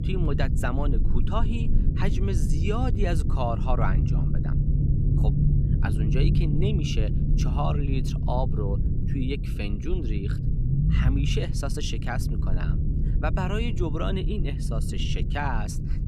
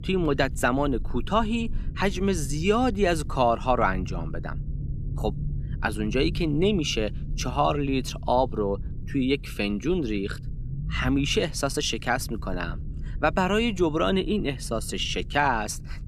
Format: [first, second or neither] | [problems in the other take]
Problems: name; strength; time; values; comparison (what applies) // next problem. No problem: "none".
second | low rumble; loud; throughout; 5 dB below the speech; faint in the second